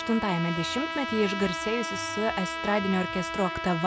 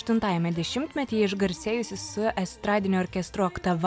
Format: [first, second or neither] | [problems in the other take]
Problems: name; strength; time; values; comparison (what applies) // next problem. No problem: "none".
second | background sound (Trumpet); 5 dB below the speech